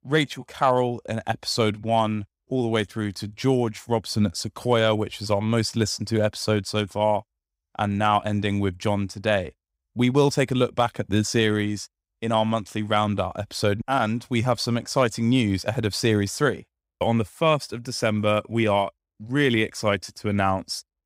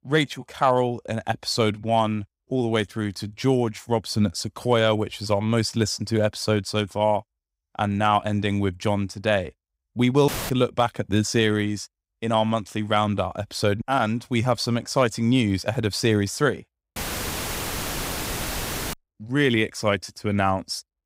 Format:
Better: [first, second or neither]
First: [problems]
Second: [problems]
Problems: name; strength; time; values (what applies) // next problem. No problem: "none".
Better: first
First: none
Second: audio cutting out; filled with static; at 10 s and at 17 s for 2 s